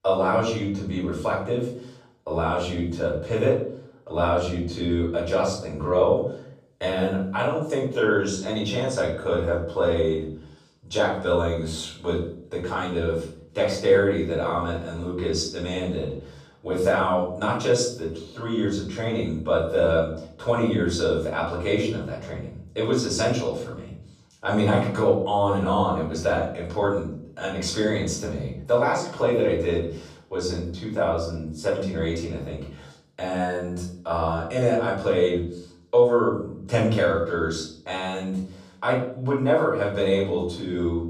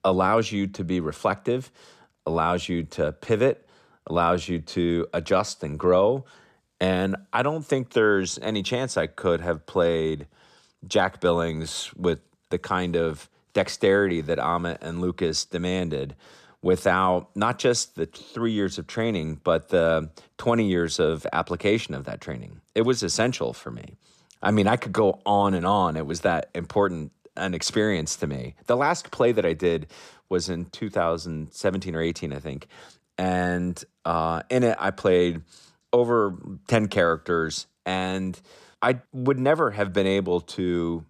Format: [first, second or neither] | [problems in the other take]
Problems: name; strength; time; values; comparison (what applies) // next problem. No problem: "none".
second | off-mic speech; far // room echo; noticeable; dies away in 0.5 s